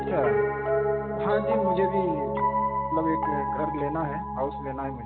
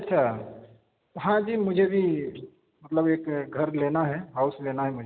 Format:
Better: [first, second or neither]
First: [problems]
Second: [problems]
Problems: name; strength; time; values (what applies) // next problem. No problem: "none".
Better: second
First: background sound (Piano); 4 dB above the speech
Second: none